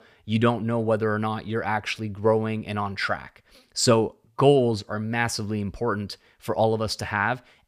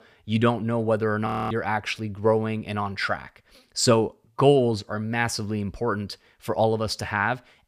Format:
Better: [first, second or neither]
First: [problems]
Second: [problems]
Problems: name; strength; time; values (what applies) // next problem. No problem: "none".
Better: first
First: none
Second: audio freezing; at 1.5 s